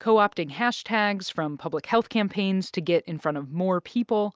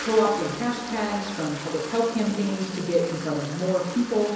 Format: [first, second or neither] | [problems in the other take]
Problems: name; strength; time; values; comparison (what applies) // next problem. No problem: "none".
first | background sound (Toilet flush); 10 dB below the speech // room echo; dies away in 1 s